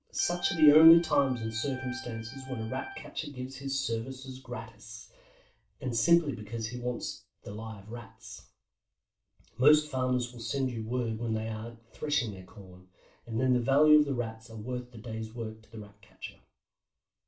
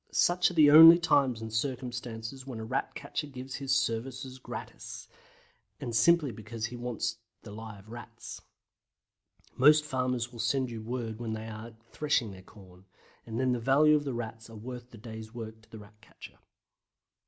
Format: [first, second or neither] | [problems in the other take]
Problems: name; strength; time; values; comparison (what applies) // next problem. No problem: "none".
second | background sound (Organ); 15 dB below the speech // room echo; dies away in 0.2 s